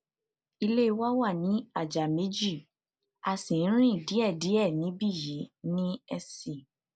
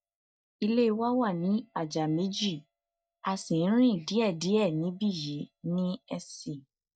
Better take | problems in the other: first | noise reduction (neural mask model DeepFilterNet 3)

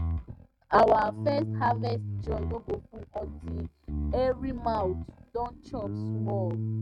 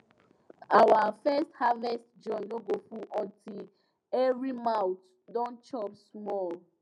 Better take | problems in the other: second | noise reduction (neural mask model RNNoise)

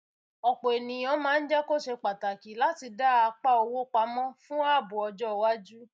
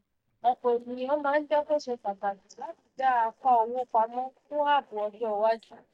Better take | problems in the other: first | noise reduction (neural mask model DeepFilterNet 3)

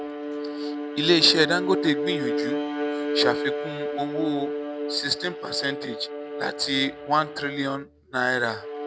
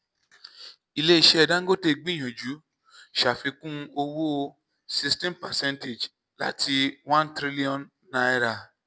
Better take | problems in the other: second | background sound (Bowed string instrument); 3 dB below the speech

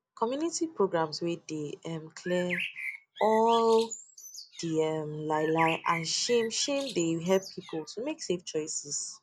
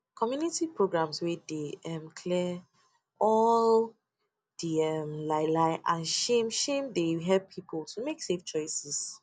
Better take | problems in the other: second | background sound (Bird); 10 dB below the speech

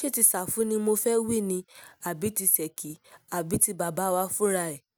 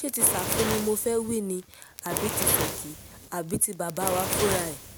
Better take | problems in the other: first | background sound (Fire); 3 dB below the speech

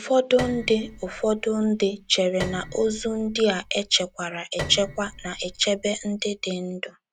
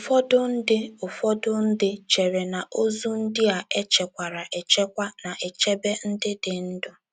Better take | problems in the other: second | background sound (Piano); 13 dB below the speech

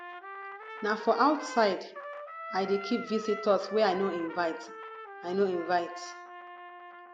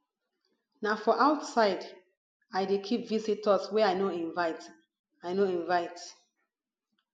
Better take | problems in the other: second | background sound (Trumpet); 12 dB below the speech

